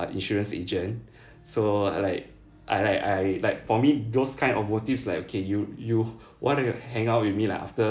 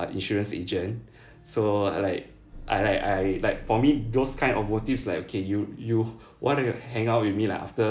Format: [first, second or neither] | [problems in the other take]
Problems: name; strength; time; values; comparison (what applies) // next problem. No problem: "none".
first | background sound (Engine); 13 dB below the speech